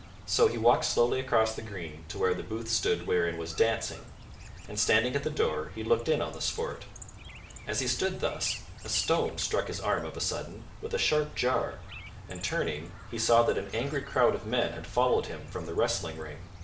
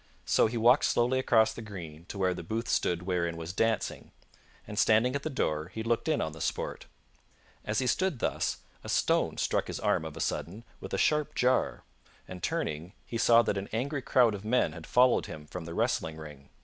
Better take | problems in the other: second | background sound (Chirp, tweet); 14 dB below the speech // room echo; dies away in 0.4 s

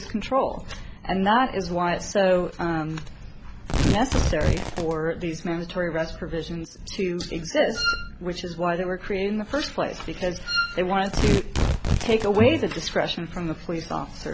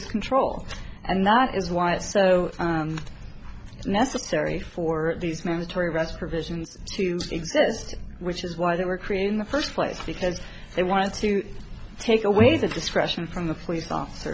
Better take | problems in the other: second | background sound (Wind instrument, woodwind instrument + Tearing); 1 dB below the speech

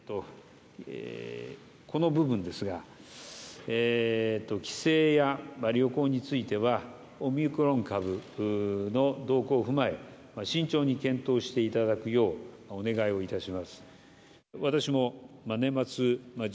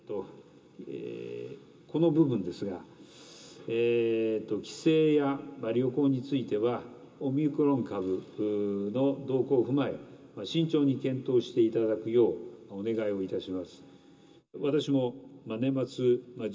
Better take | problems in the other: first | room echo; dies away in 0.2 s

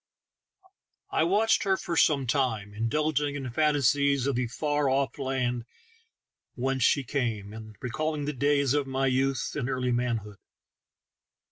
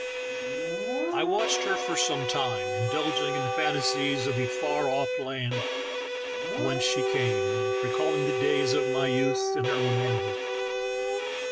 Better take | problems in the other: first | background sound (Siren / Dog + Bowed string instrument); 2 dB above the speech

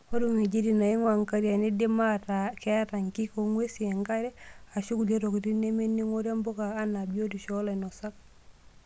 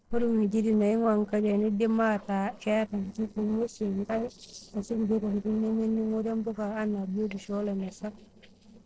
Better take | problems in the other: first | noise reduction (neural separator model SepFormer DNS4)

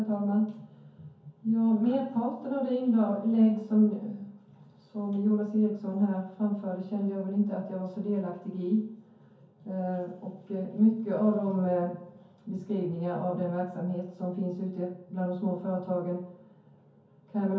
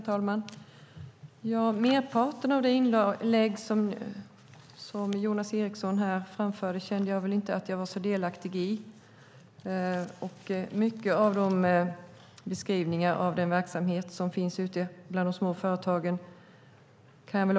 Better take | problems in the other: second | room echo; dies away in 0.6 s

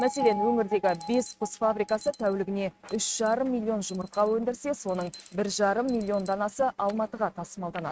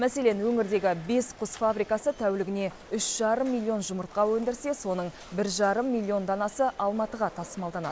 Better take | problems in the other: second | noise reduction (neural mask model RNNoise)

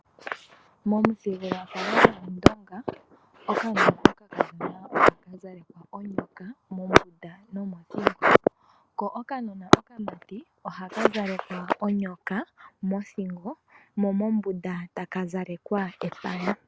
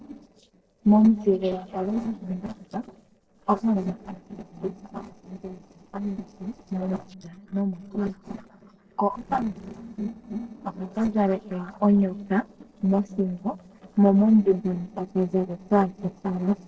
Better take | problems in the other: first | noise reduction (neural separator model SepFormer DNS4)

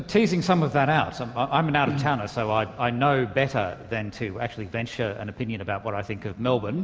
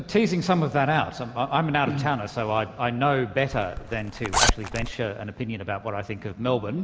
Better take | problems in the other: first | background sound (Zipper (clothing)); 1 dB below the speech

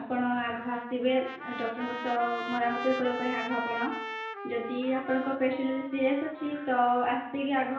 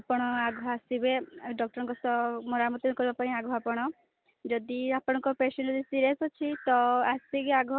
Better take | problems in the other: second | background sound (Trumpet); 10 dB below the speech // room echo; dies away in 0.5 s

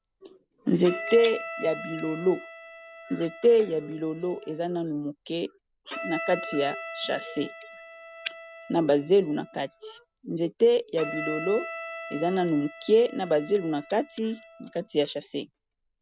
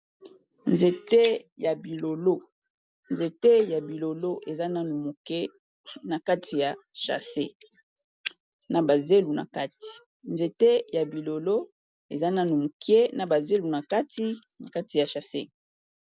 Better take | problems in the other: second | background sound (Bowed string instrument); 13 dB below the speech

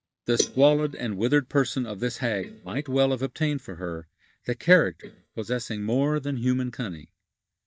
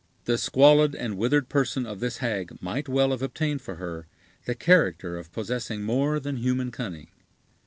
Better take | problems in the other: second | noise reduction (neural mask model DeepFilterNet 3)

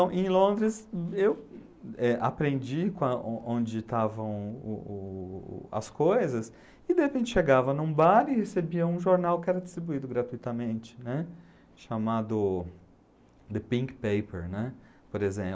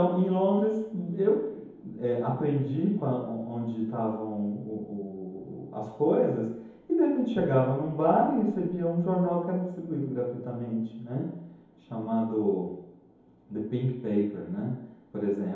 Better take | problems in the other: first | room echo; dies away in 2.2 s

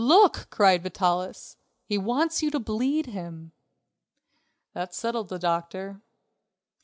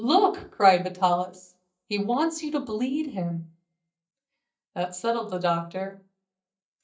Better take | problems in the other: first | noise reduction (neural mask model DeepFilterNet 3)

